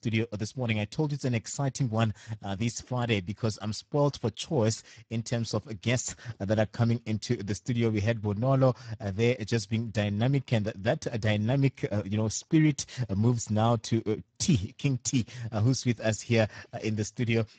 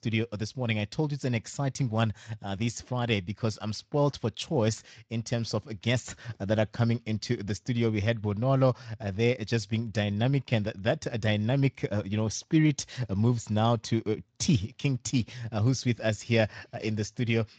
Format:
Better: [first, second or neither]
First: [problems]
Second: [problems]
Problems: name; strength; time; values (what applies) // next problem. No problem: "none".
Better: second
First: garbled, watery; badly; nothing above 7.5 kHz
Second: garbled, watery; slightly; nothing above 7.5 kHz